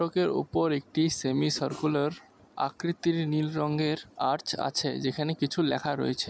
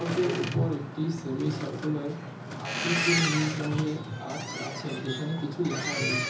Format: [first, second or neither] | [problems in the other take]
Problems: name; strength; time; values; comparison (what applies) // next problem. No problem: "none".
first | background sound (Boat, Water vehicle); 1 dB below the speech // room echo; dies away in 0.6 s